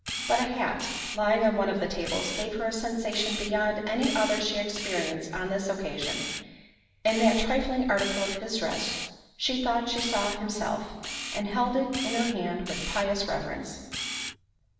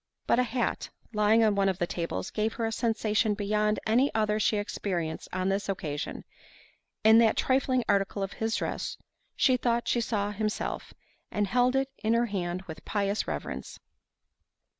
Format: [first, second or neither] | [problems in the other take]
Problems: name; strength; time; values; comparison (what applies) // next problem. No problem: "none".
second | background sound (Camera); 9 dB below the speech // room echo; dies away in 1.1 s